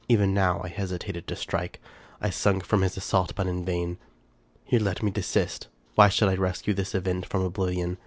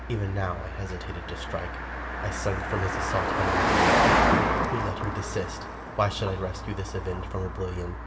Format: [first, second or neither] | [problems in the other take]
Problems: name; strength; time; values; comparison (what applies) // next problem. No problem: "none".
first | background sound (Car passing by); 4 dB above the speech // room echo; dies away in 1.7 s